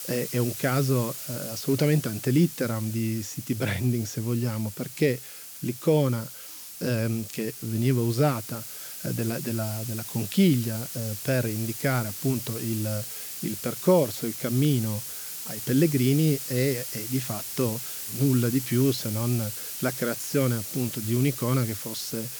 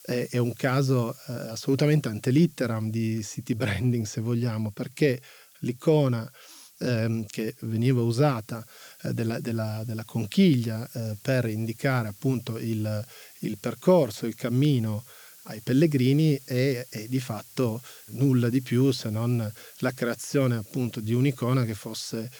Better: second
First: hiss; loud; throughout; 7 dB below the speech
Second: hiss; faint; throughout; 20 dB below the speech

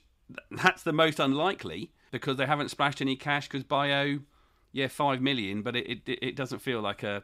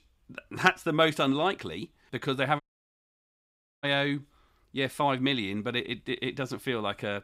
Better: first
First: none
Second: audio cutting out; at 2.5 s for 1 s

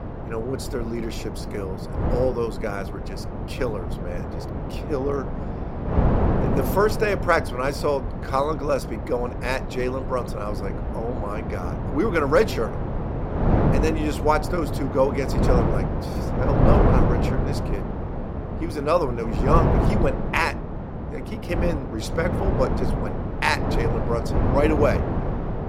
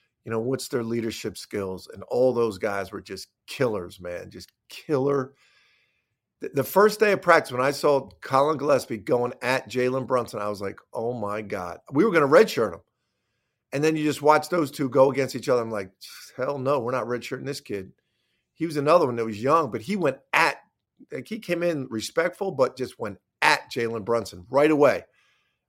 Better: second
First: wind noise on the microphone; heavy; 5 dB below the speech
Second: none

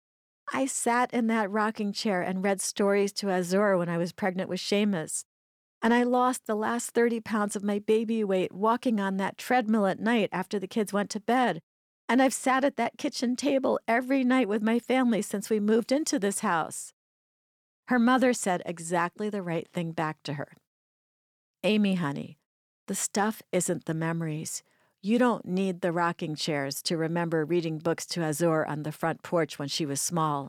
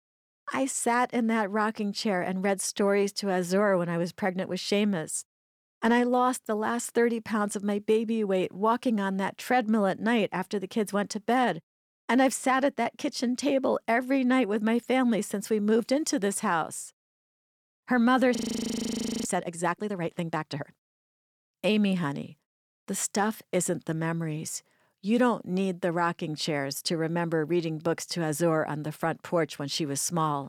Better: first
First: none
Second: audio freezing; at 18 s for 1 s

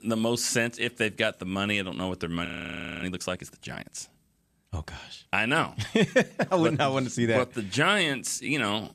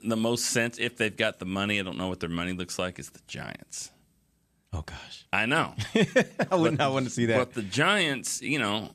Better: second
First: audio freezing; at 2.5 s for 0.5 s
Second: none

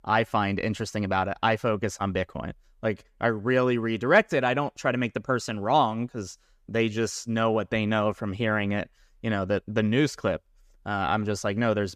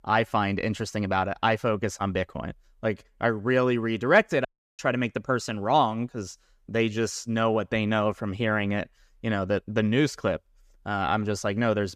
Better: first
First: none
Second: audio cutting out; at 4.5 s

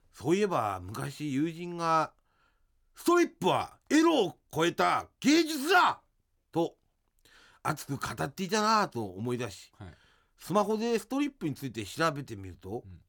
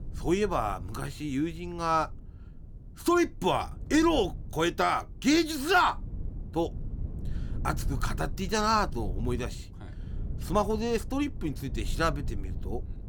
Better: first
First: none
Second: low rumble; faint; throughout; 25 dB below the speech

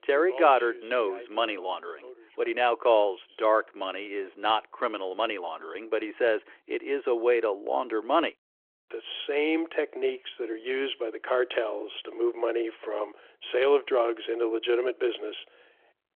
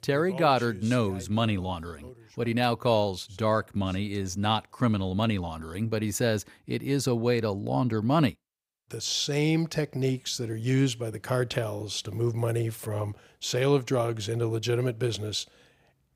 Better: second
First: phone-call audio; nothing above 3.5 kHz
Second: none

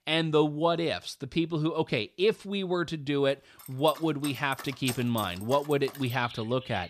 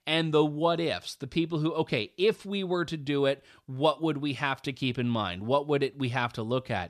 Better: second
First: animal sounds; noticeable; from 4 s on; 15 dB below the speech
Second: none

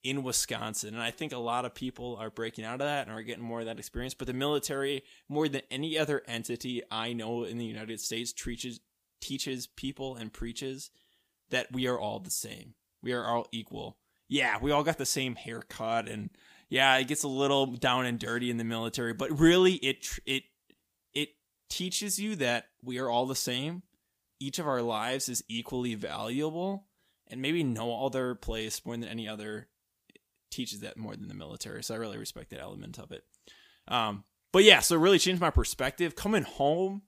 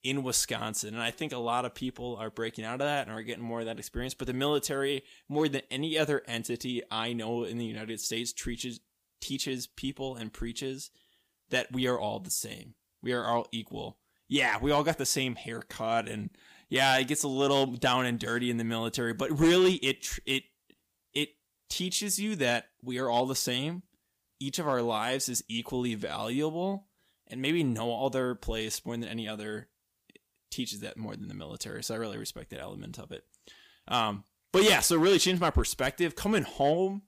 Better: first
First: none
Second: distortion; slight; 1.1% of the sound clipped

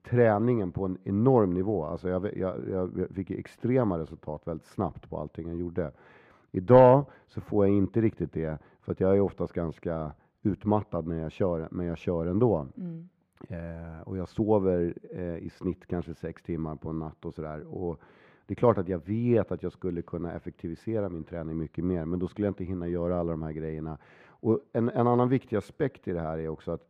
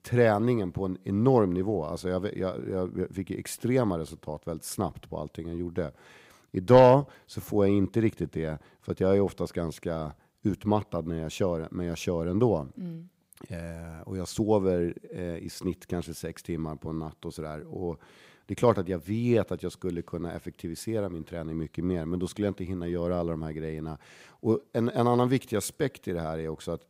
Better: second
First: muffled; very; fading above 4 kHz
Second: none

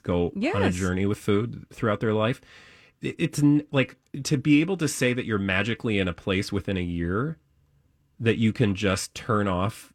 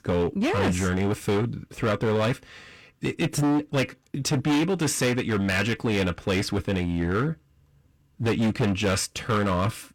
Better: first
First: none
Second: distortion; heavy; 15% of the sound clipped

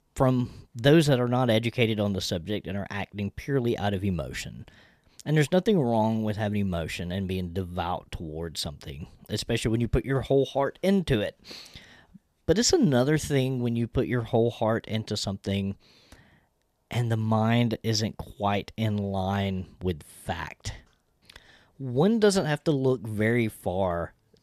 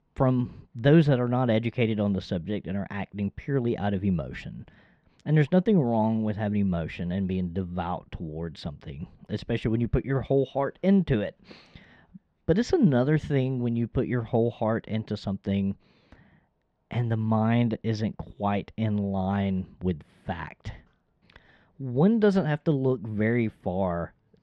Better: first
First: none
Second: muffled; slightly; fading above 2.5 kHz

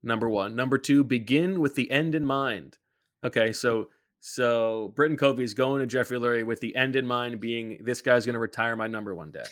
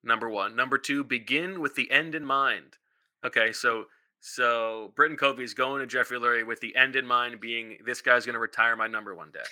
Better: first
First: none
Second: thin; somewhat; fading below 1 kHz

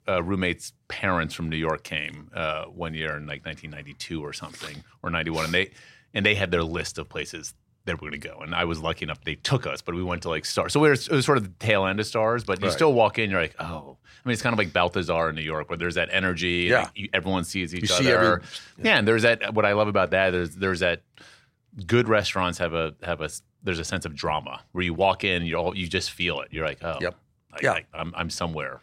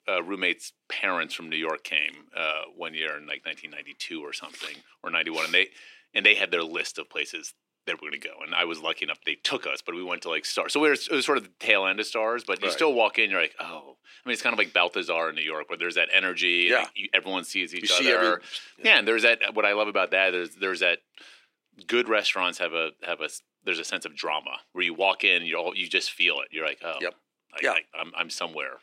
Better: first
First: none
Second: thin; somewhat; fading below 300 Hz

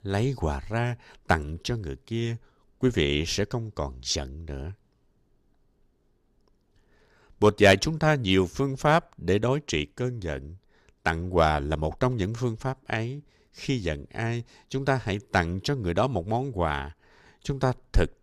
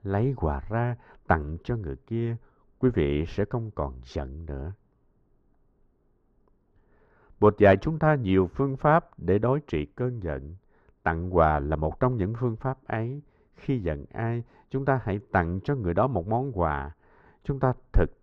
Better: first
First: none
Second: muffled; very; fading above 3 kHz

